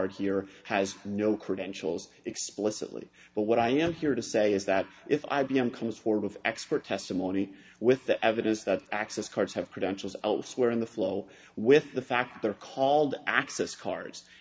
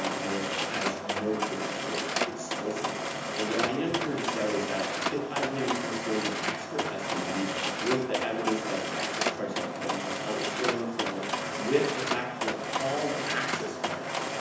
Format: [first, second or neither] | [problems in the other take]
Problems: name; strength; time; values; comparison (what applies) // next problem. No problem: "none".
first | background sound (Mechanisms); 1 dB above the speech // room echo; dies away in 0.9 s